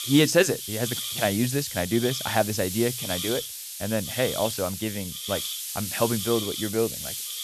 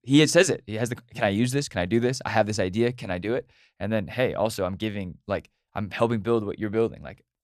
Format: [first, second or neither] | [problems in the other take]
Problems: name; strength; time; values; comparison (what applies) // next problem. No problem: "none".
second | hiss; loud; throughout; 4 dB below the speech